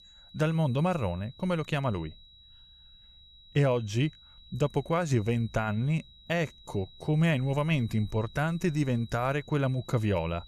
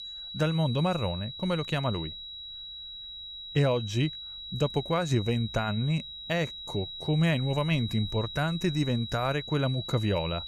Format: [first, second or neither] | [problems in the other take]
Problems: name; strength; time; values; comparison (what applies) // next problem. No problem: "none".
first | high-pitched whine; loud; throughout; 4 kHz, 9 dB below the speech; faint in the first